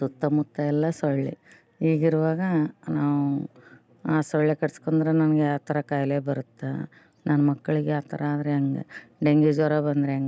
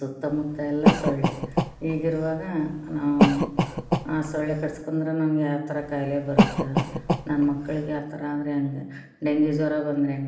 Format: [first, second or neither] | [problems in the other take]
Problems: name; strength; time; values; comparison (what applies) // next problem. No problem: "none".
first | background sound (Cough); 1 dB above the speech // room echo; dies away in 0.8 s